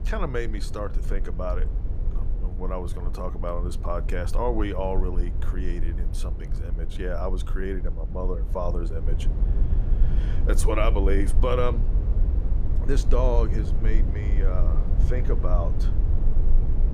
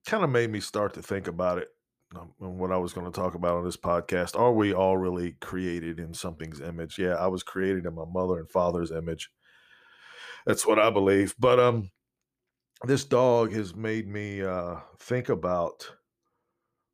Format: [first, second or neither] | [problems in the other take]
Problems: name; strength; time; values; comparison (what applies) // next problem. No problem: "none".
second | low rumble; noticeable; throughout; 10 dB below the speech